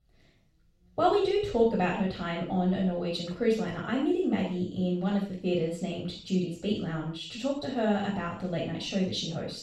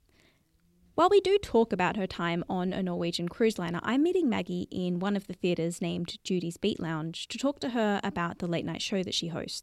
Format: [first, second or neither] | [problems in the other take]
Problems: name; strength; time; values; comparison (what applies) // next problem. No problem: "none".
second | room echo; noticeable; dies away in 0.4 s // off-mic speech; far